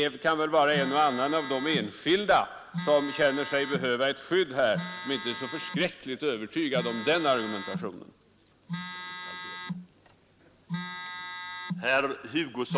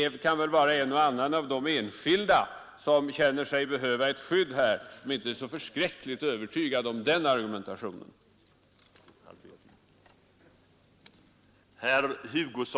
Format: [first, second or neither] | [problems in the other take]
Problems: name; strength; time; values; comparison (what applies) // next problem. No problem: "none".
second | background sound (Telephone); 10 dB below the speech